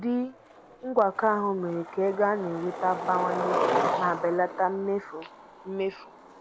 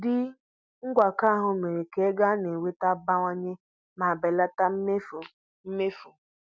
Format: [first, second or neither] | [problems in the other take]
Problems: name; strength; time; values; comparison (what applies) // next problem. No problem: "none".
second | background sound (Skateboard); 5 dB below the speech